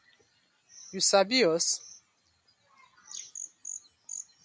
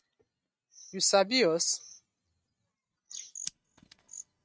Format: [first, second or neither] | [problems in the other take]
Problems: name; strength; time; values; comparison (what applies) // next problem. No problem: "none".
first | noise reduction (neural mask model RNNoise)